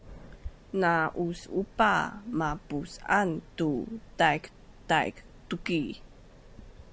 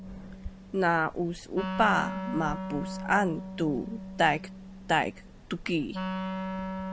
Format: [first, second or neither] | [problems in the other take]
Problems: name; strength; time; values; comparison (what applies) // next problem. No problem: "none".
first | background sound (Wind instrument, woodwind instrument); 7 dB below the speech